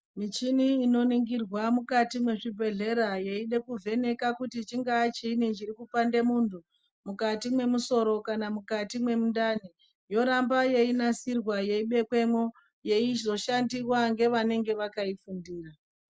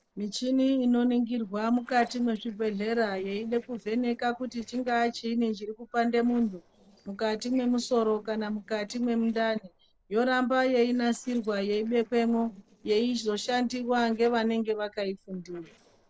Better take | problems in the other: first | noise reduction (neural separator model SepFormer DNS4)

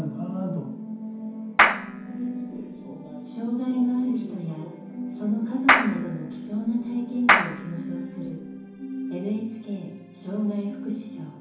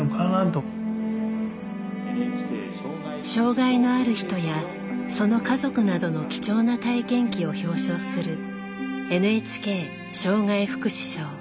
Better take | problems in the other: second | background sound (Clapping); 4 dB above the speech // room echo; dies away in 0.9 s

